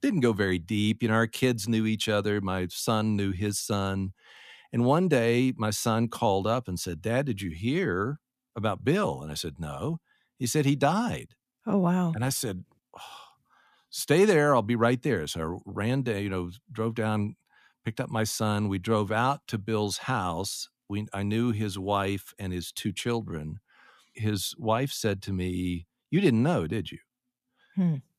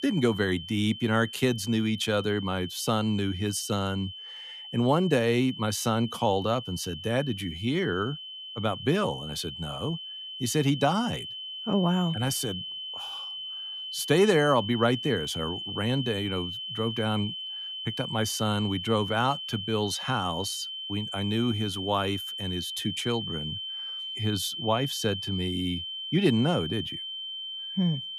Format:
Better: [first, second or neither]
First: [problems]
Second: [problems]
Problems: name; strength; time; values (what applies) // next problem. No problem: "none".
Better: first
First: none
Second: high-pitched whine; loud; throughout; 3 kHz, 7 dB below the speech